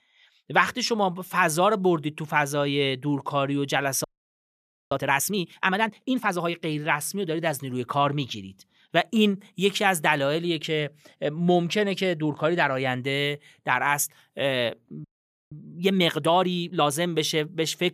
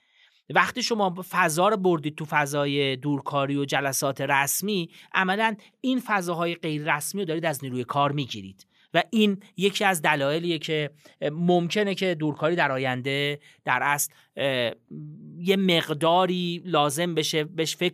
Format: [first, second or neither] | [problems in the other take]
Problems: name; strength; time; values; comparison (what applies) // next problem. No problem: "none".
second | audio freezing; at 4 s for 1 s and at 15 s